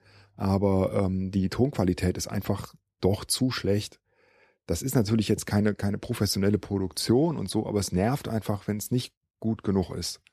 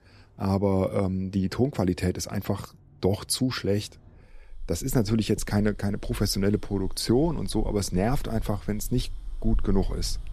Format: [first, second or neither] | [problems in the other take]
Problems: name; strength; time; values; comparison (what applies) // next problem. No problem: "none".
first | traffic noise; noticeable; throughout; 10 dB below the speech